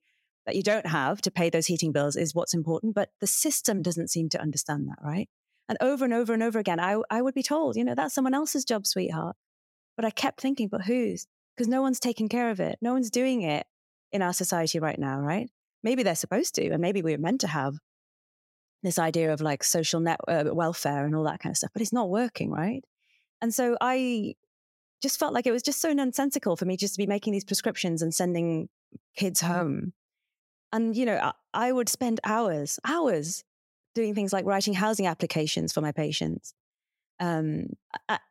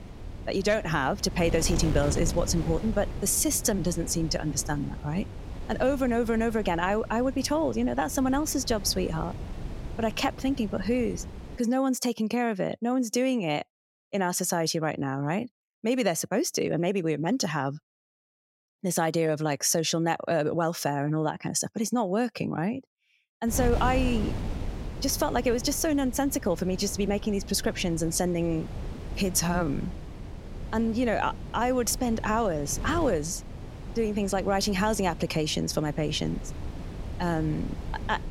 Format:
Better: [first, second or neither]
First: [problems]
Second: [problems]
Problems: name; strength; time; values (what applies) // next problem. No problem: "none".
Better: first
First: none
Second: wind noise on the microphone; occasional gusts; until 12 s and from 23 s on; 15 dB below the speech